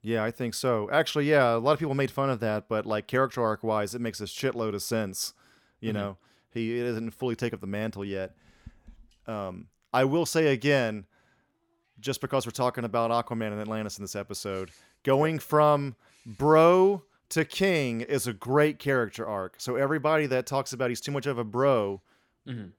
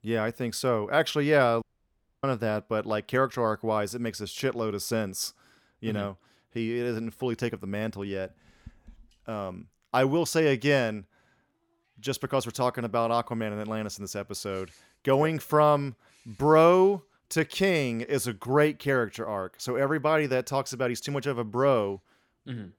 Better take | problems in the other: first | audio cutting out; at 1.5 s for 0.5 s

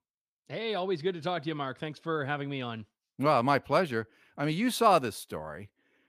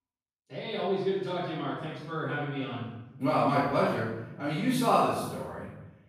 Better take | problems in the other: first | room echo; strong; dies away in 1 s // off-mic speech; far

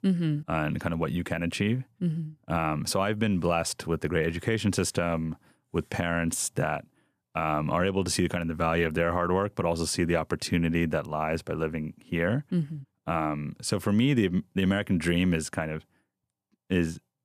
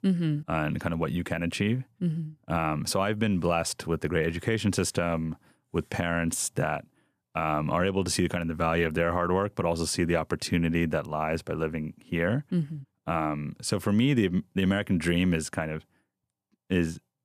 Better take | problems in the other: neither | none

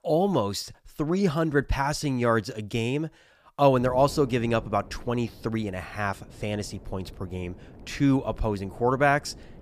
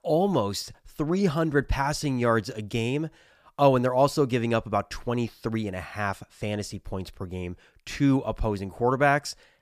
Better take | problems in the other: second | wind noise on the microphone; occasional gusts; from 4 s on; 25 dB below the speech

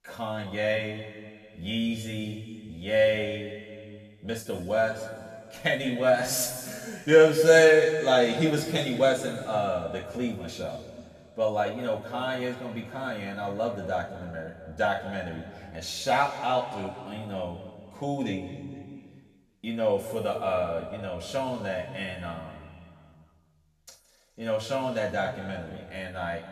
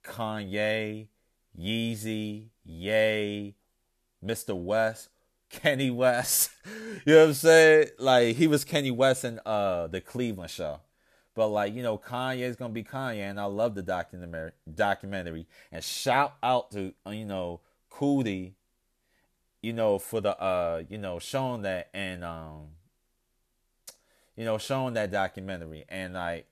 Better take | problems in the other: second | room echo; noticeable; dies away in 2.1 s // off-mic speech; far

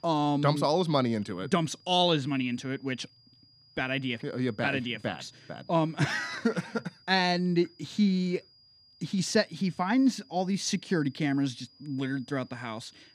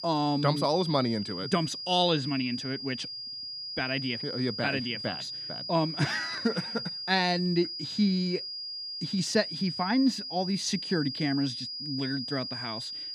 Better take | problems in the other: first | high-pitched whine; loud; throughout; 5 kHz, 5 dB below the speech; faint in the first

